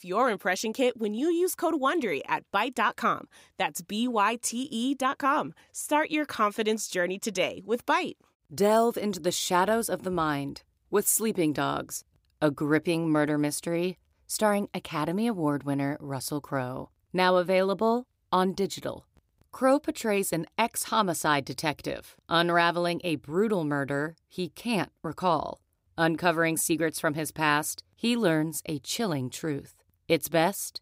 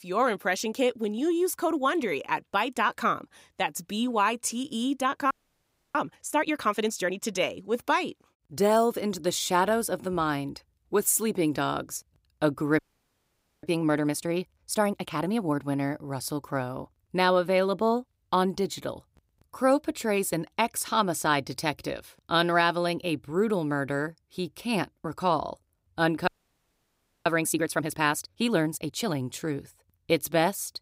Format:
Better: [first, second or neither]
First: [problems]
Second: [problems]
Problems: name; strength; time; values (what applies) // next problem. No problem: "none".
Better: first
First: none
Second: audio freezing; at 5.5 s for 0.5 s, at 13 s for 1 s and at 26 s for 1 s